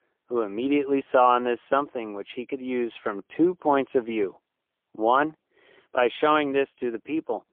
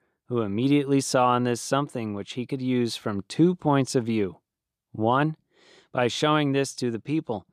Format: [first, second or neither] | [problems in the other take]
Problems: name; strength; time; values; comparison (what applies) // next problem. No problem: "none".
second | phone-call audio; poor line; nothing above 3.5 kHz